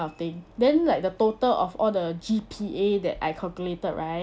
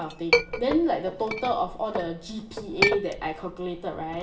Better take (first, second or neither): first